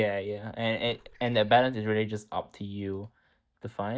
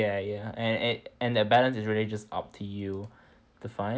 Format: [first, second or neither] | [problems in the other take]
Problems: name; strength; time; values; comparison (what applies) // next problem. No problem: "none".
second | noise reduction (neural mask model DeepFilterNet 3)